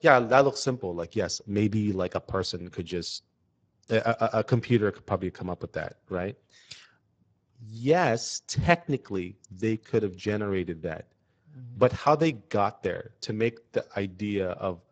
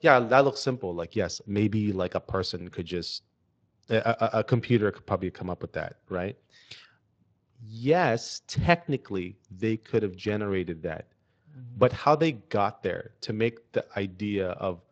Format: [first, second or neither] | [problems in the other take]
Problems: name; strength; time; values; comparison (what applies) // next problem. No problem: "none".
second | garbled, watery; badly; nothing above 7.5 kHz; slightly in the second